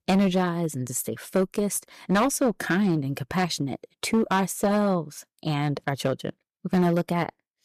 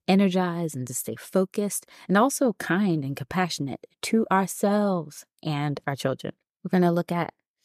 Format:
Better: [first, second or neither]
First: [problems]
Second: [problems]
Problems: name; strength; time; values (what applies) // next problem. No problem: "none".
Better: second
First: distortion; slight; 7% of the sound clipped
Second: none